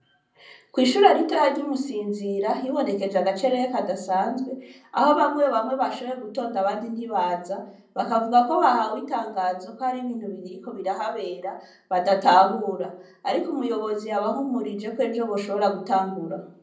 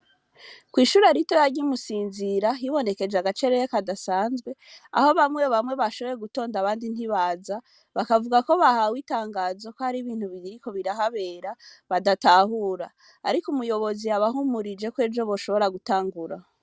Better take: second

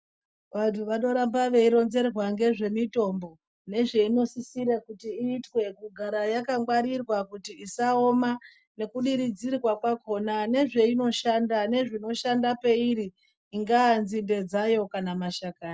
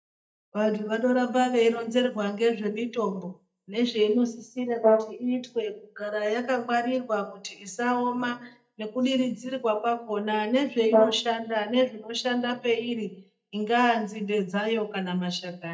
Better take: first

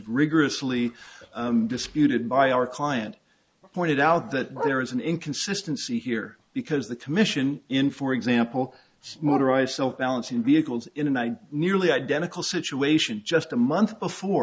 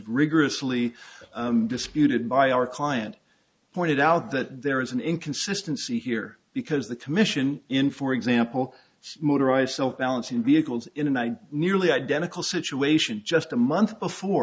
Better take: second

